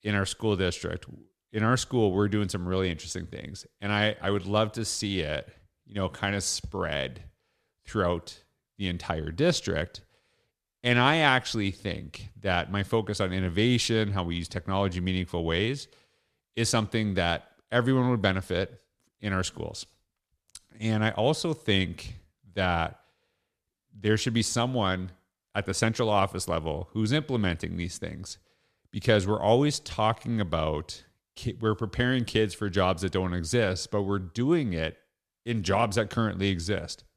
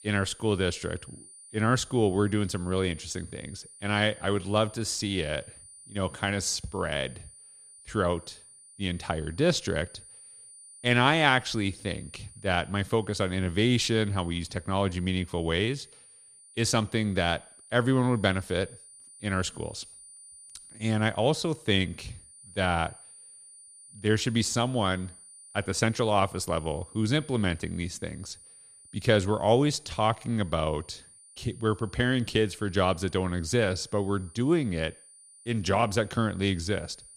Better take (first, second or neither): first